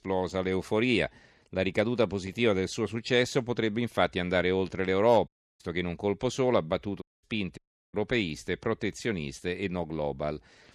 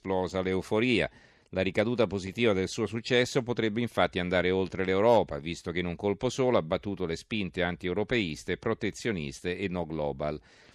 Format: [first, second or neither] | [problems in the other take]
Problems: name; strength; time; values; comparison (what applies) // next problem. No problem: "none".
second | audio cutting out; at 5.5 s, at 7 s and at 7.5 s